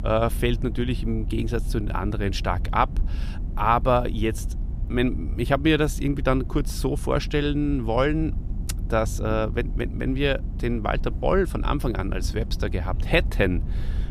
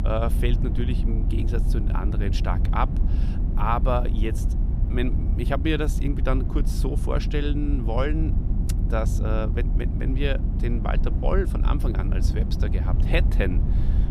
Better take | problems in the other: first | low rumble; loud; throughout; 9 dB below the speech; faint in the first

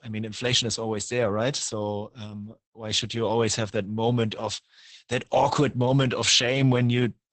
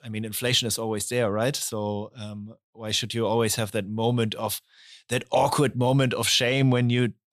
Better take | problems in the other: second | garbled, watery; badly; nothing above 8 kHz

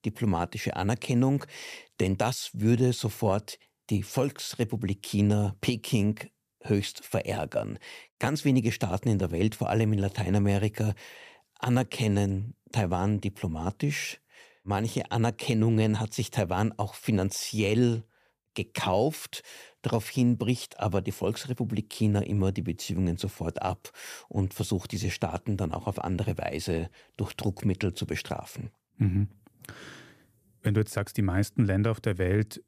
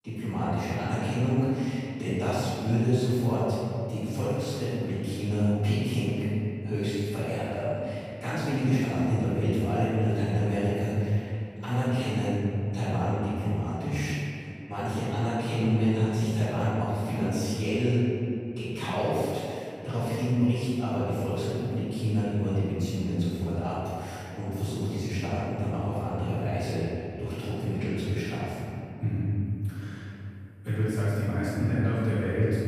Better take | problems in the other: first | off-mic speech; far // room echo; strong; dies away in 2.5 s

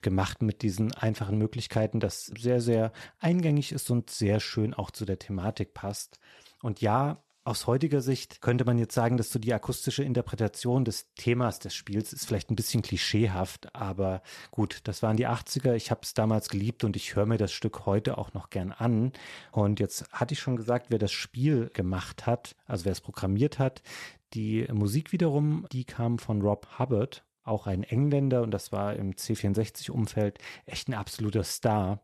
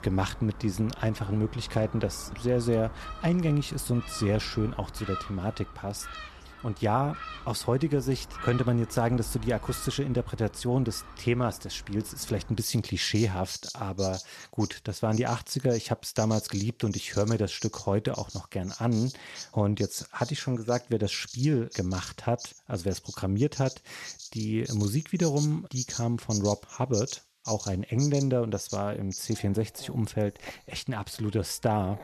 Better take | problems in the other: first | animal sounds; noticeable; throughout; 10 dB below the speech

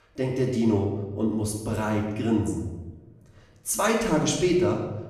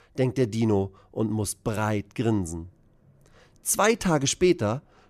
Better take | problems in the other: second | room echo; noticeable; dies away in 0.9 s // off-mic speech; far

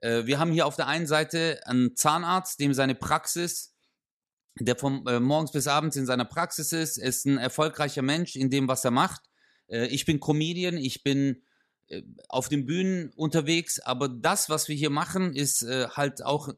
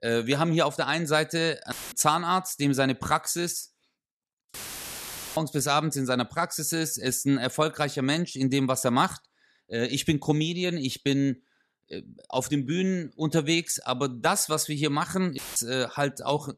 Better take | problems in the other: first | audio cutting out; filled with static; at 1.5 s, at 4.5 s for 1 s and at 15 s

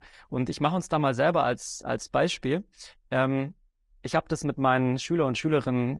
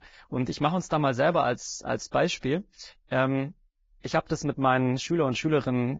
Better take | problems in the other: first | garbled, watery; badly; slightly in the first

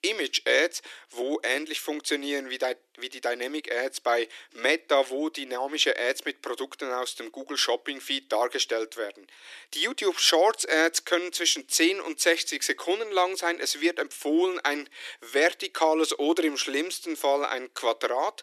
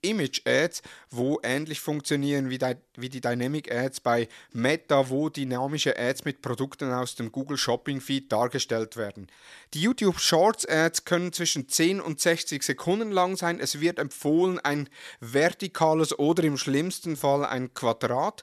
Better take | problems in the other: second | thin; somewhat; fading below 300 Hz

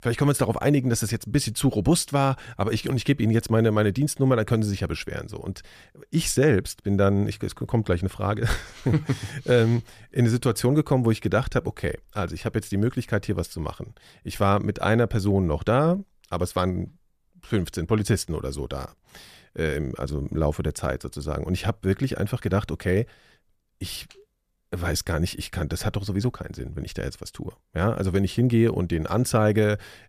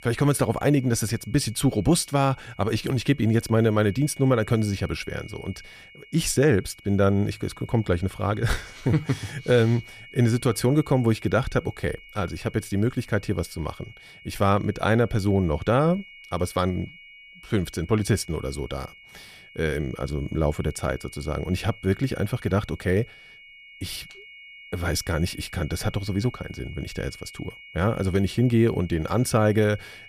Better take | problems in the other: first | high-pitched whine; faint; throughout; 2 kHz, 20 dB below the speech

